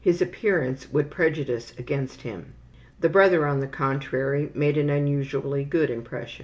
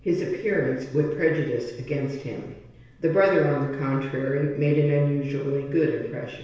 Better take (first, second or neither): first